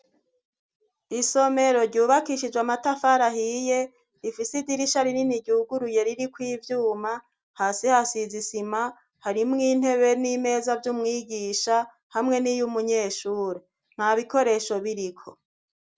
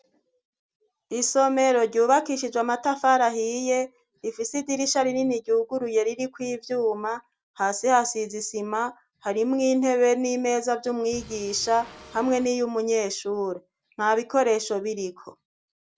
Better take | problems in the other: first | background sound (Drum kit); 20 dB below the speech

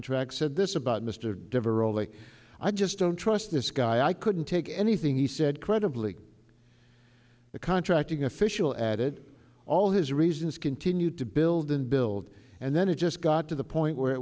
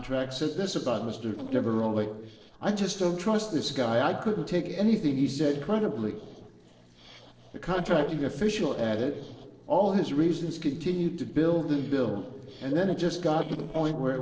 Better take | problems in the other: first | noise reduction (neural separator model SepFormer DNS4)

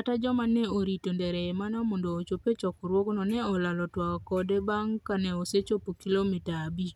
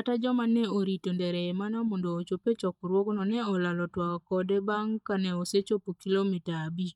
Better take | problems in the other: first | noise reduction (neural mask model DeepFilterNet 3)

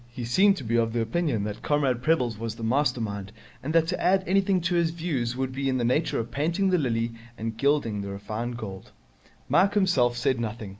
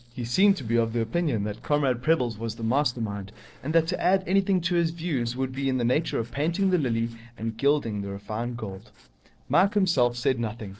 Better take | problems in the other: first | noise reduction (neural separator model SepFormer DNS4)

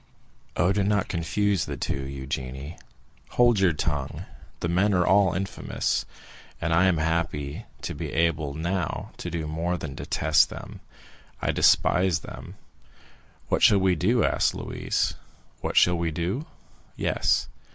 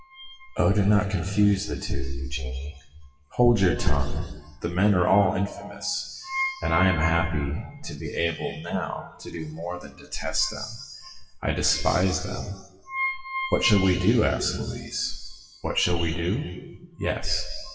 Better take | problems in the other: first | noise reduction (classical method WPE with log-MMSE)

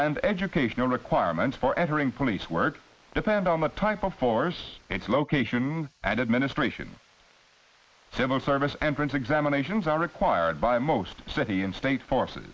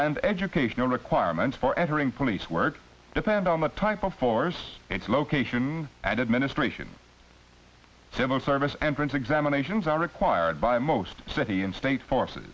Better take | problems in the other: second | noise reduction (neural mask model Resemble Enhance denoiser)

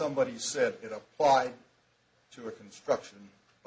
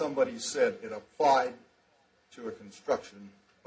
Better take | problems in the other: first | room echo; dies away in 0.3 s

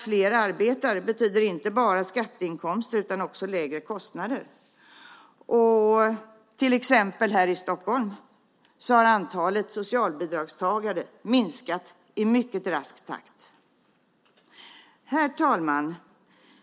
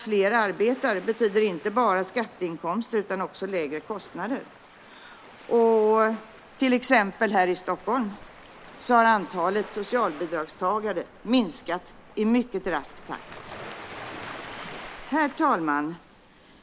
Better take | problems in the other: first | background sound (Waves, surf); 19 dB below the speech

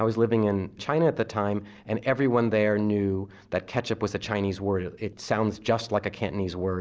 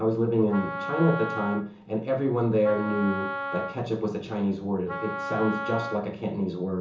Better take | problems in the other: first | background sound (Wind instrument, woodwind instrument); 8 dB below the speech // room echo; dies away in 0.7 s

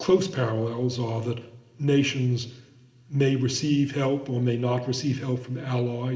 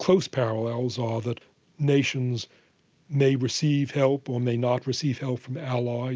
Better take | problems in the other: second | room echo; dies away in 1.2 s

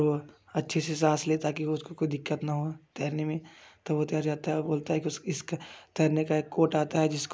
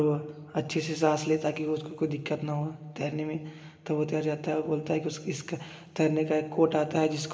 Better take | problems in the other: first | room echo; dies away in 2.1 s

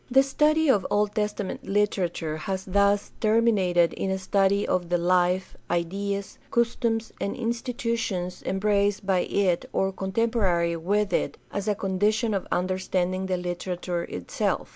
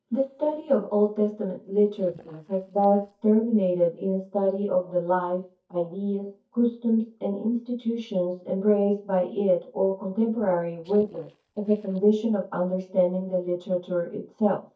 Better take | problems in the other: first | noise reduction (neural mask model DeepFilterNet 3)

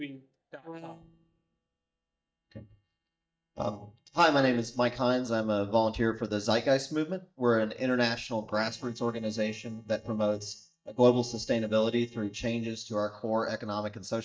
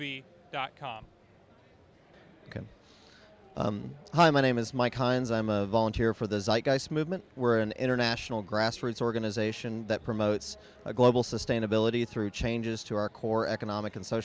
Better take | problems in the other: second | noise reduction (neural mask model DeepFilterNet 3)

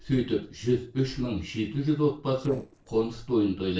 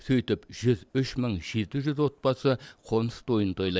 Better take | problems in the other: second | noise reduction (neural separator model SepFormer DNS4)

